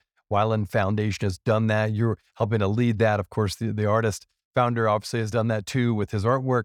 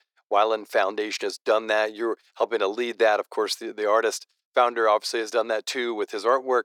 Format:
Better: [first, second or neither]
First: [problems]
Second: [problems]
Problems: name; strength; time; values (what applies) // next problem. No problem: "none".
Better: first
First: none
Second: thin; very; fading below 350 Hz